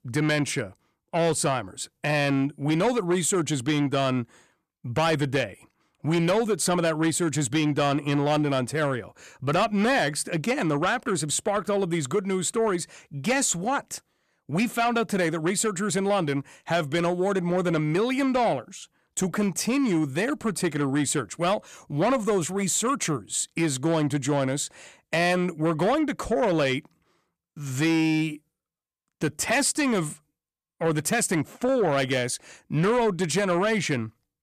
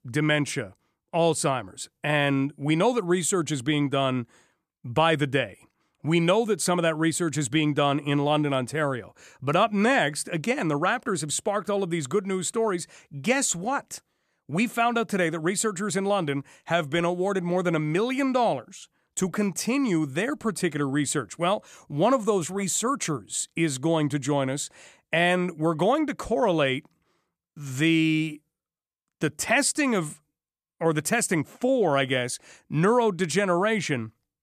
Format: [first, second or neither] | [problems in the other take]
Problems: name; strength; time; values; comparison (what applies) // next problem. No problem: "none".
second | distortion; slight; 10 dB below the speech